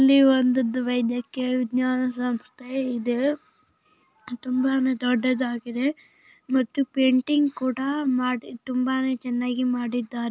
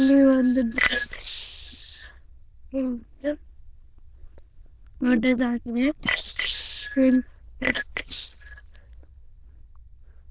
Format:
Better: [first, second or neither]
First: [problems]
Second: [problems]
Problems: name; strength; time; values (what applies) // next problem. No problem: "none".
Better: first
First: none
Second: noise reduction (neural diffusion model UNIVERSE++)